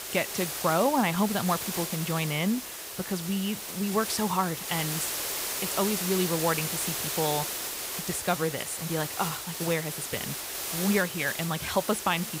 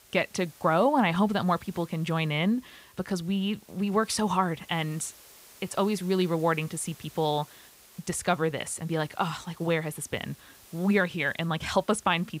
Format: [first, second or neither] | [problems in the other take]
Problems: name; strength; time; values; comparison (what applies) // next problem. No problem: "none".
second | hiss; loud; throughout; 3 dB below the speech; faint in the second